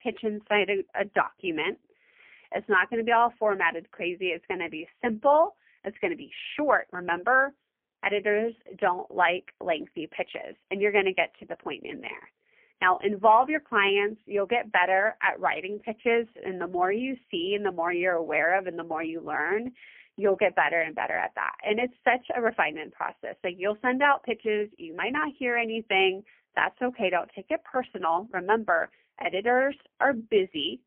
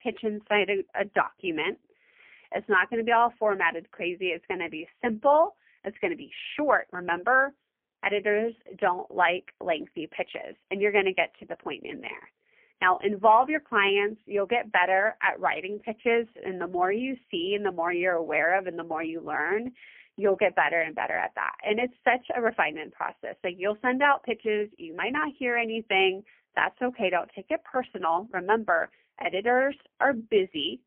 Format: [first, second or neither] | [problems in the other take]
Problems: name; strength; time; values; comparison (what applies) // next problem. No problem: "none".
neither | phone-call audio; poor line; nothing above 3 kHz; the same in both